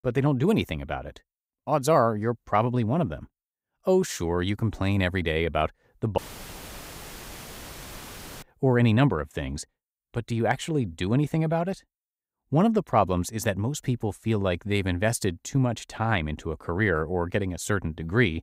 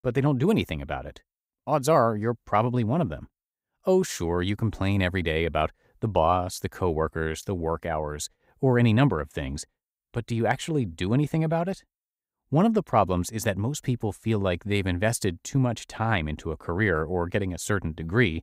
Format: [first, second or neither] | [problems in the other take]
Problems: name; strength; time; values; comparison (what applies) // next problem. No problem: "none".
second | audio cutting out; filled with static; at 6 s for 2 s